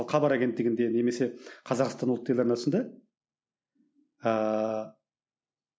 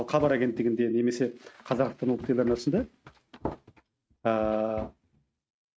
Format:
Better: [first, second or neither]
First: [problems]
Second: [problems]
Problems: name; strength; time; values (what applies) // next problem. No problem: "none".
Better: first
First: none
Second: noise reduction (neural mask model RNNoise)